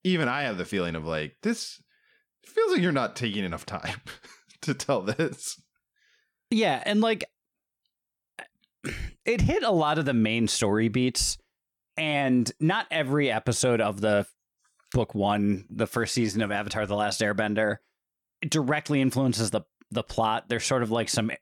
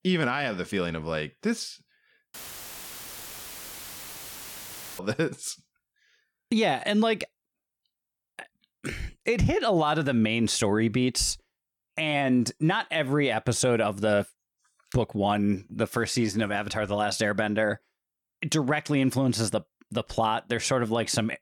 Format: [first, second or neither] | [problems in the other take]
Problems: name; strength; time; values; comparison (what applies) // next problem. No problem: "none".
first | audio cutting out; filled with static; at 2.5 s for 2.5 s